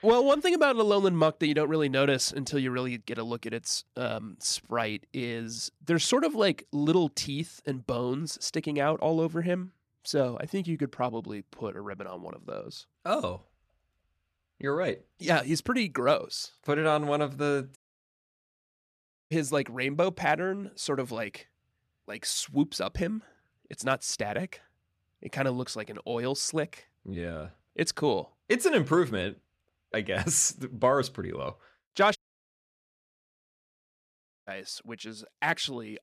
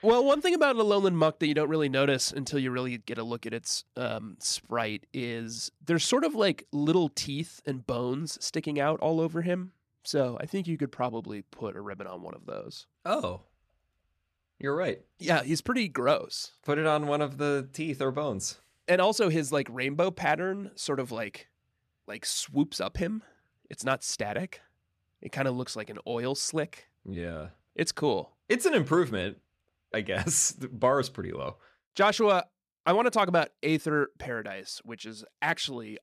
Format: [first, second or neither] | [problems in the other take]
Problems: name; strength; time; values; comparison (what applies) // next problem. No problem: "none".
second | audio cutting out; at 18 s for 1.5 s and at 32 s for 2.5 s